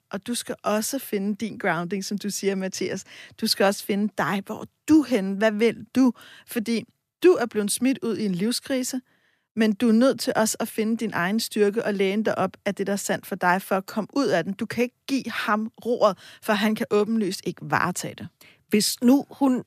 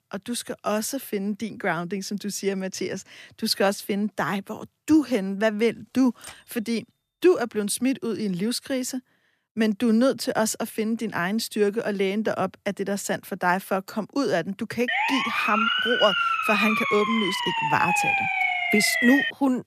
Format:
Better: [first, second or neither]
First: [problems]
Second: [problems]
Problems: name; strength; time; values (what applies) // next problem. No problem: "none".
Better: first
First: none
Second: keyboard typing; faint; at 6 s; peak 20 dB below the speech // siren; loud; from 15 s on; peak 4 dB above the speech